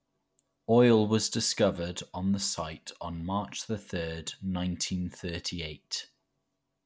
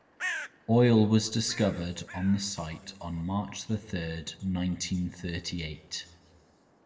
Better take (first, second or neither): first